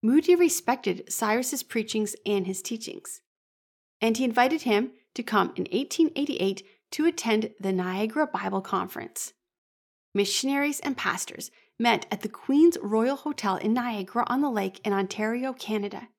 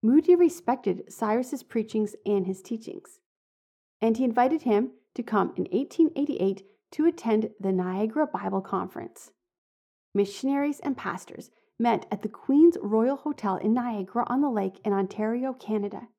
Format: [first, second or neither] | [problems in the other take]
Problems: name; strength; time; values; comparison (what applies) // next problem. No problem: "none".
first | muffled; slightly; fading above 1.5 kHz